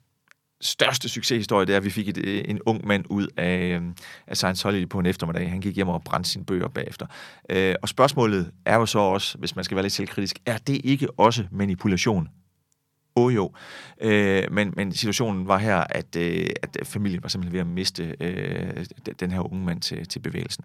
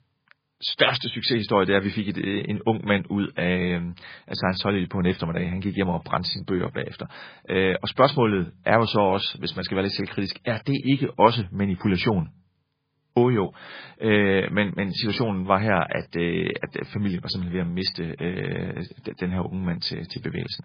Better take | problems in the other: first | garbled, watery; badly; nothing above 4.5 kHz

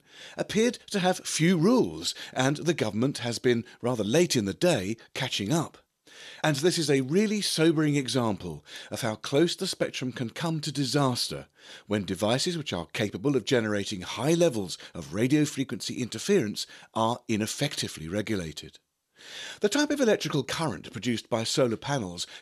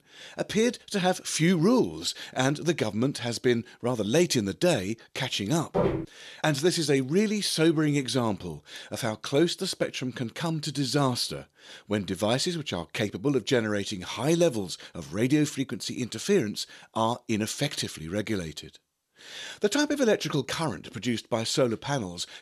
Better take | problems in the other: first | footsteps; loud; at 5.5 s; peak level with the speech

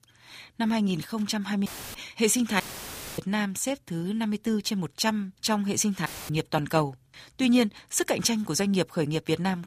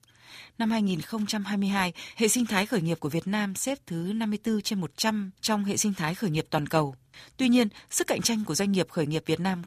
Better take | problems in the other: second | audio cutting out; filled with static; at 1.5 s, at 2.5 s for 0.5 s and at 6 s

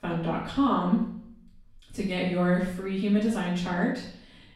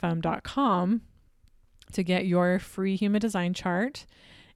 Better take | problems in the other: second | off-mic speech; far // room echo; noticeable; dies away in 0.6 s

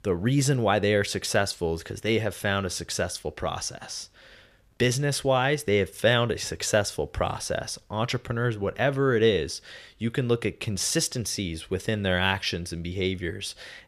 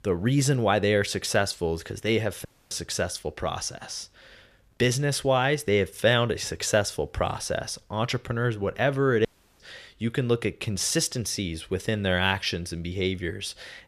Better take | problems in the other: first | audio cutting out; at 2.5 s and at 9.5 s

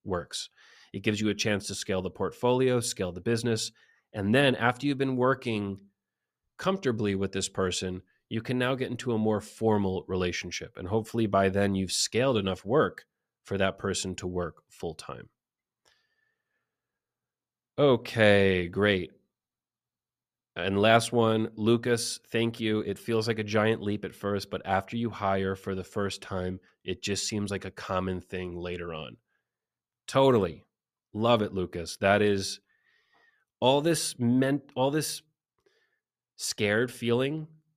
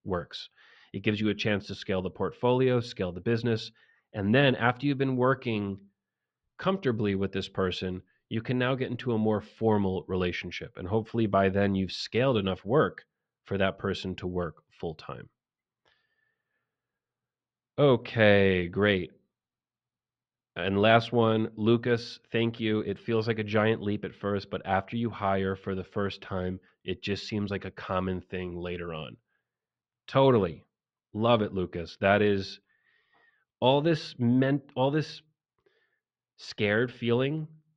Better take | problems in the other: first | muffled; slightly; fading above 4 kHz

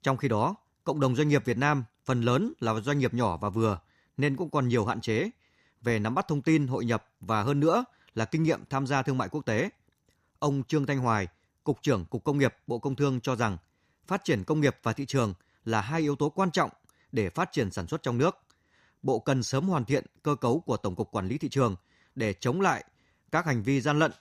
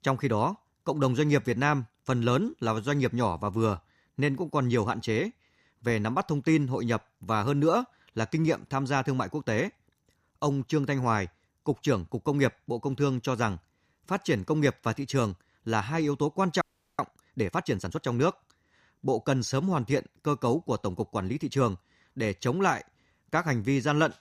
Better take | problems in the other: first | audio freezing; at 17 s

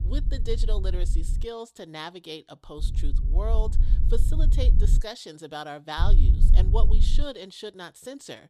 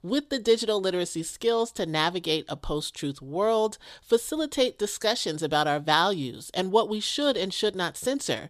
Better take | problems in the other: second | low rumble; loud; until 1.5 s, from 3 to 5 s and from 6 to 7 s; 9 dB below the speech

